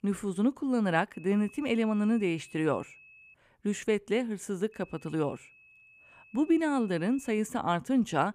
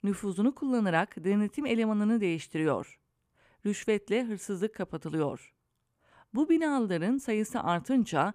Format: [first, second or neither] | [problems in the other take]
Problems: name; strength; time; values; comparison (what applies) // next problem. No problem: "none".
second | high-pitched whine; faint; from 1 to 3.5 s and from 4.5 to 7.5 s; 2.5 kHz, 25 dB below the speech